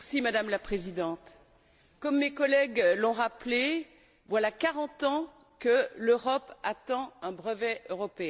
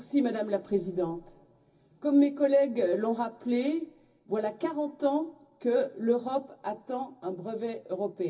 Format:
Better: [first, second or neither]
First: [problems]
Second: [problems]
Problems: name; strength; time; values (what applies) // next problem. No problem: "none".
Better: first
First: none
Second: room echo; dies away in 0.4 s